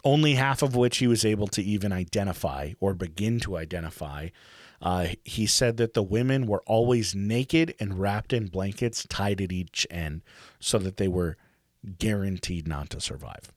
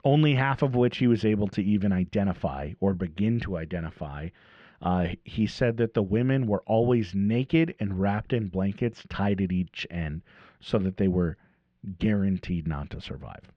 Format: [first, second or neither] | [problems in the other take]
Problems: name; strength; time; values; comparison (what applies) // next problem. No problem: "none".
first | muffled; very; fading above 2.5 kHz